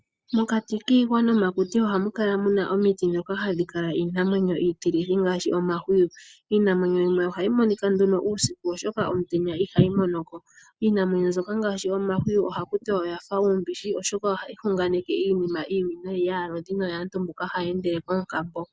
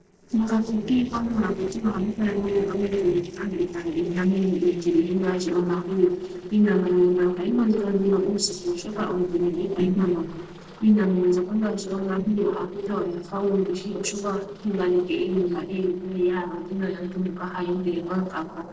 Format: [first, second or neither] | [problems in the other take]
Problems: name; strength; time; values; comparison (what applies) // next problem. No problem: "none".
first | noise reduction (neural separator model SepFormer DNS4)